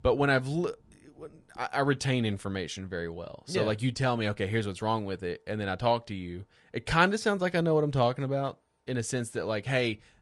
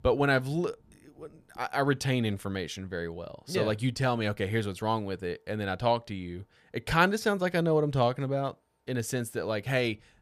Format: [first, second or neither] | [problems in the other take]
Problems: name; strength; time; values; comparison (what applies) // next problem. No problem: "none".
second | garbled, watery; slightly; nothing above 10.5 kHz